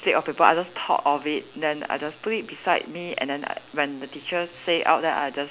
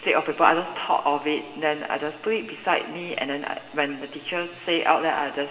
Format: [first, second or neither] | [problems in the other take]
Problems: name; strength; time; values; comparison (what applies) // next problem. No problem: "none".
first | room echo; dies away in 1.6 s